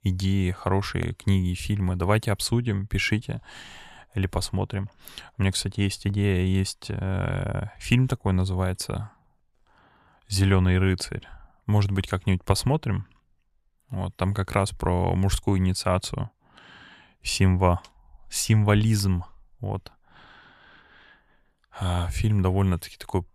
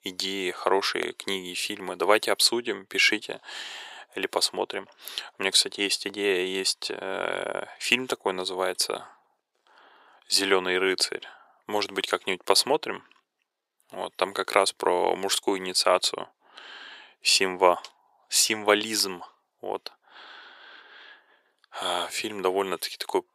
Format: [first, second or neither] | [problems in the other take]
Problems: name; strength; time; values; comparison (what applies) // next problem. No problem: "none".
first | thin; very; fading below 350 Hz